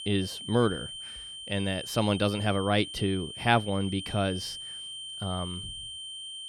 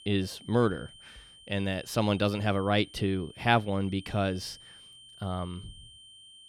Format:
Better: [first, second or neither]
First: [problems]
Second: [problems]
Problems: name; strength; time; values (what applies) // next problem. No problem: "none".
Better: second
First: high-pitched whine; loud; throughout; 3 kHz, 9 dB below the speech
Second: high-pitched whine; faint; throughout; 3 kHz, 20 dB below the speech